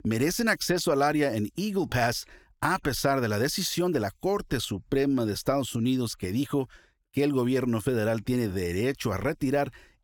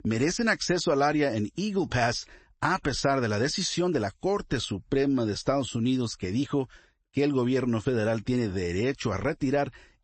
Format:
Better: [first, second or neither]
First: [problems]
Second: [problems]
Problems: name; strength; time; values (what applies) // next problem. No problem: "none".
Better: first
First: none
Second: garbled, watery; slightly; nothing above 8 kHz